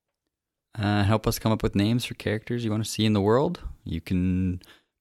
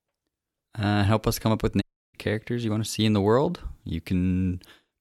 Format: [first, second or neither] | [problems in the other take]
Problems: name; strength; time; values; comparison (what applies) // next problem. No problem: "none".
first | audio cutting out; at 2 s